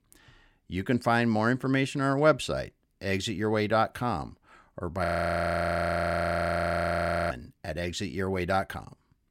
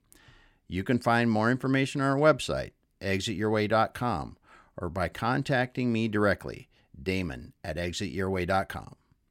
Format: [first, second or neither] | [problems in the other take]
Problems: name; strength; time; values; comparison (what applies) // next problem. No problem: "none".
second | audio freezing; at 5 s for 2.5 s